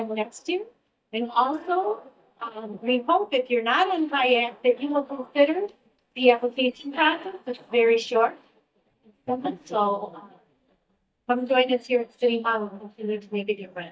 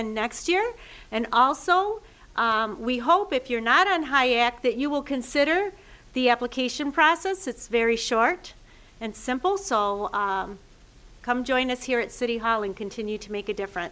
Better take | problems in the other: second | noise reduction (neural mask model DeepFilterNet 3)

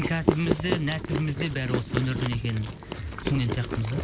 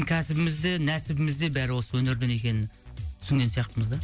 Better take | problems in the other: second | background sound (Chewing, mastication); 2 dB below the speech

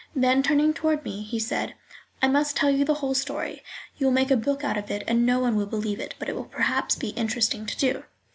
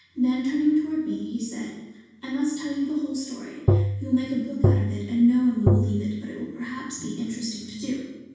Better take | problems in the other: first | background sound (Tap); 3 dB above the speech // room echo; dies away in 1.2 s

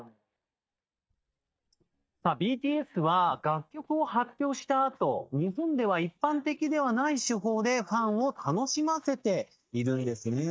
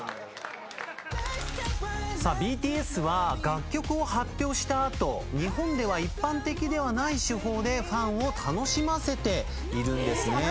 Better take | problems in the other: second | noise reduction (neural mask model DeepFilterNet 3)

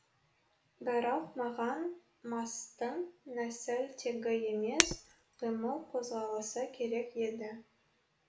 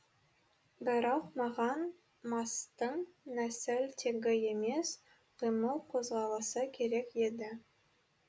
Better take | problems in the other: second | background sound (Shatter); 1 dB above the speech // room echo; dies away in 0.4 s

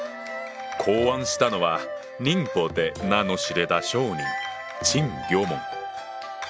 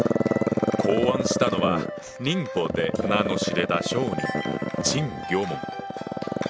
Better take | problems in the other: first | background sound (Growling); as loud as the speech

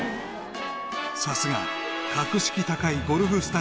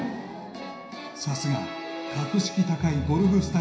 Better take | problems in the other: first | room echo; dies away in 0.5 s

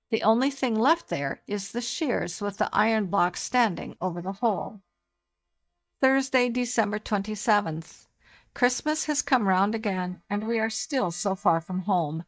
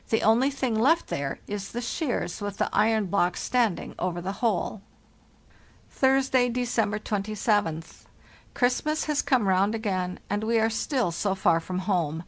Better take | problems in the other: second | noise reduction (neural mask model DeepFilterNet 3)

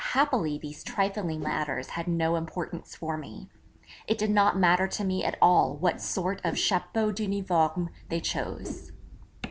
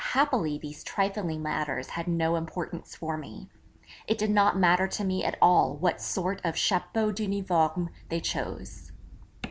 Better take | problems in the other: second | background sound (Whoosh, swoosh, swish); 16 dB below the speech

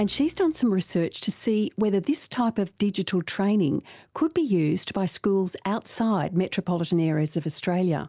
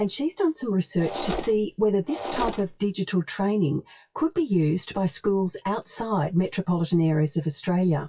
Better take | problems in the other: first | noise reduction (classical method WPE with log-MMSE)

